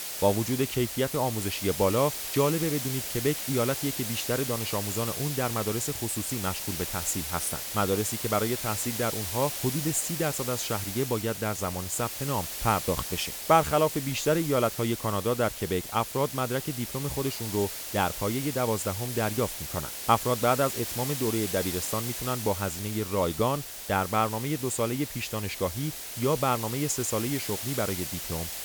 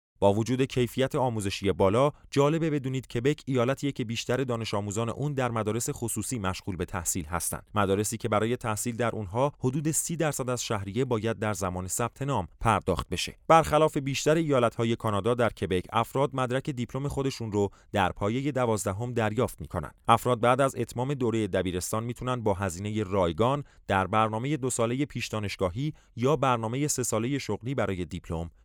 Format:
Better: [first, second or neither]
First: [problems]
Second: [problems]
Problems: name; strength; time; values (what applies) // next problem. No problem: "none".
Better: second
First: hiss; loud; throughout; 4 dB below the speech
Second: none